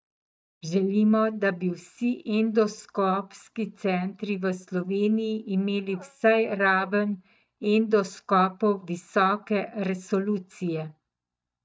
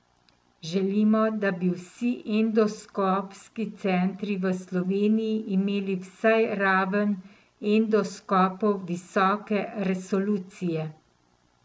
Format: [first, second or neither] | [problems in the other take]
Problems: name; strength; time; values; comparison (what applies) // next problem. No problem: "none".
second | noise reduction (neural mask model DeepFilterNet 3)